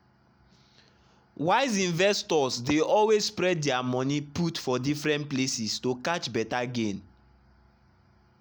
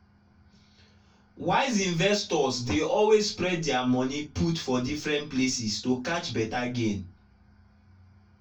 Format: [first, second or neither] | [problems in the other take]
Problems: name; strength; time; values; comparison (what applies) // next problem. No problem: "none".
first | room echo; dies away in 0.1 s